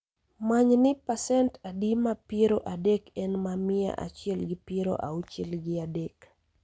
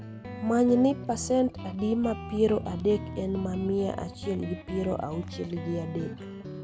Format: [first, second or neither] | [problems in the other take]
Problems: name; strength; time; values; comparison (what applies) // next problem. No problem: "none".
first | background sound (Guitar); 10 dB below the speech